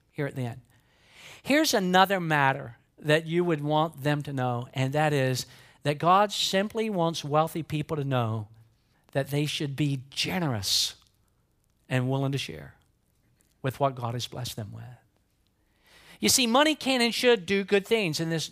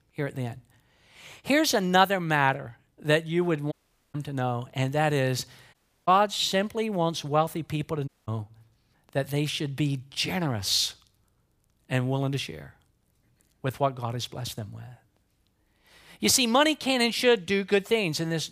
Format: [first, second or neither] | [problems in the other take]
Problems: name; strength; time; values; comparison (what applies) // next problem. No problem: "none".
first | audio cutting out; at 3.5 s, at 5.5 s and at 8 s